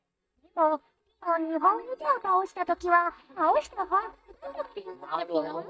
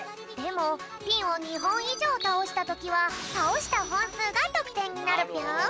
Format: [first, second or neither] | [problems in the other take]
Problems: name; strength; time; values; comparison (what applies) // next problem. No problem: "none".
second | noise reduction (neural mask model DeepFilterNet 3)